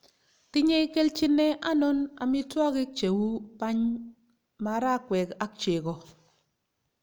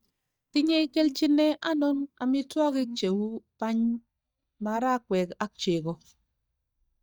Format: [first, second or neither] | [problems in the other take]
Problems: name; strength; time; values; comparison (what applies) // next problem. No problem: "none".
first | noise reduction (neural mask model DeepFilterNet 3)